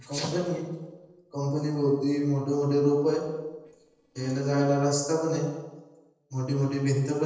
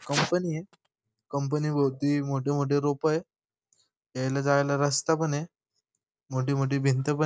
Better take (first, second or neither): second